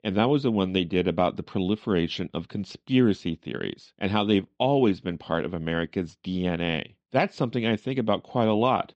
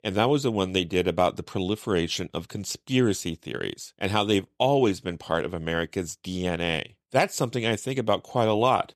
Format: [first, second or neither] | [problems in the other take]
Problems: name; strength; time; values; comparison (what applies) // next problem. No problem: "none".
second | muffled; slightly; fading above 4 kHz